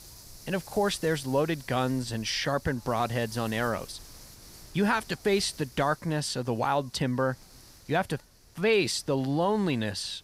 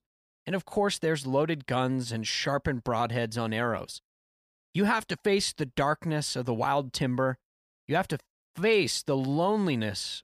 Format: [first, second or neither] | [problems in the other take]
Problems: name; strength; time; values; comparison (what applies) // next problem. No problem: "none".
second | wind noise on the microphone; occasional gusts; 20 dB below the speech